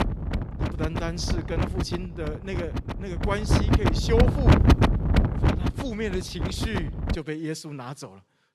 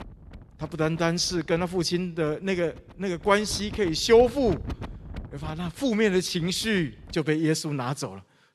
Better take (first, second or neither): second